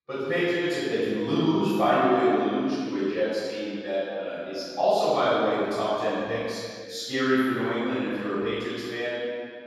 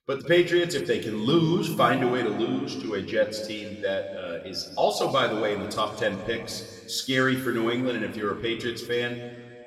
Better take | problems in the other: second | room echo; strong; dies away in 2.2 s; slight in the second // off-mic speech; far; somewhat distant in the second

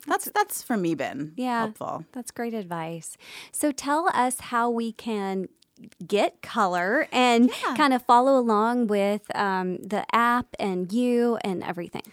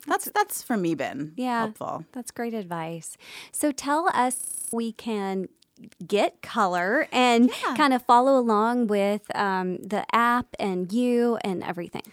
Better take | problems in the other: first | audio freezing; at 4.5 s

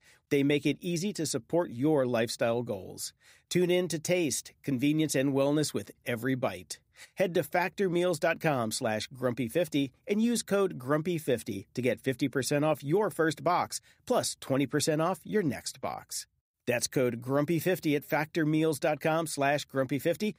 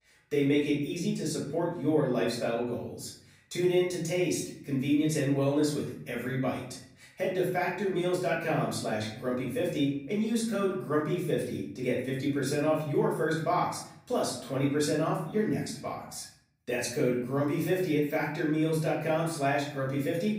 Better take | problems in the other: first | room echo; noticeable; dies away in 0.7 s // off-mic speech; far

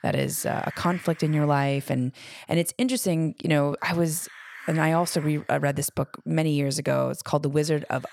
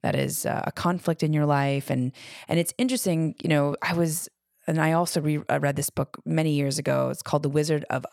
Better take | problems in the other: second | hiss; noticeable; throughout; 20 dB below the speech

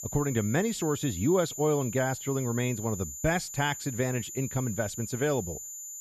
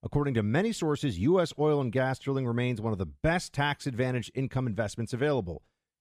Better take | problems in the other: second | high-pitched whine; loud; throughout; 7 kHz, 8 dB below the speech

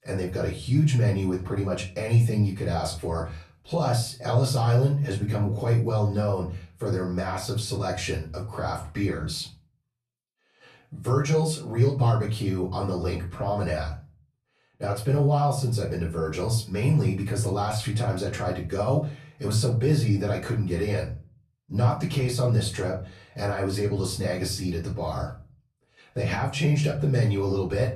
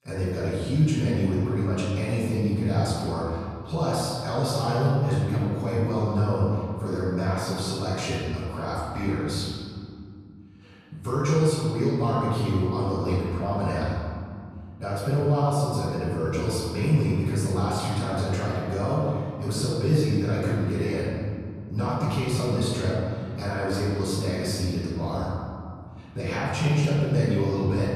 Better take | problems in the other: first | room echo; strong; dies away in 2.3 s; slight in the first // off-mic speech; far; far in the first

